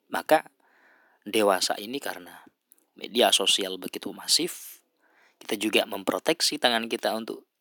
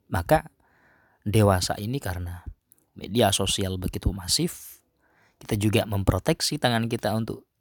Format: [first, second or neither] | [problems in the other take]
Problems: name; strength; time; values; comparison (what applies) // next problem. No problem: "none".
second | thin; somewhat; fading below 250 Hz